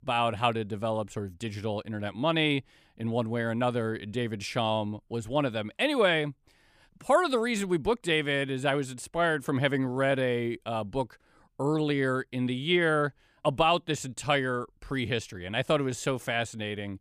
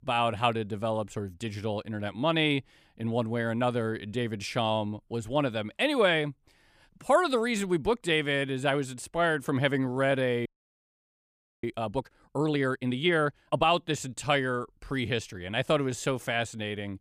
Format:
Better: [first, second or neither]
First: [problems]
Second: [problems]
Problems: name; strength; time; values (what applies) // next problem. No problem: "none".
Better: first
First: none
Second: audio freezing; at 10 s for 1 s